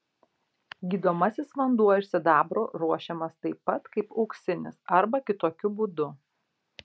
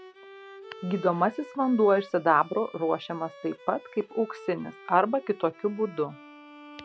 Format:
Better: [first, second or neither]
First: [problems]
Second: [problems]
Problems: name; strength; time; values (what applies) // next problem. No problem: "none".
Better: first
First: none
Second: background sound (Bowed string instrument); 19 dB below the speech